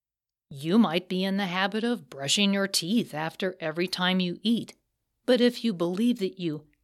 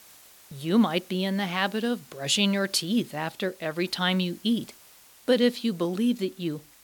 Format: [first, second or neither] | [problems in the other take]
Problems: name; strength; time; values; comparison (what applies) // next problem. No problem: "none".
first | hiss; faint; throughout; 25 dB below the speech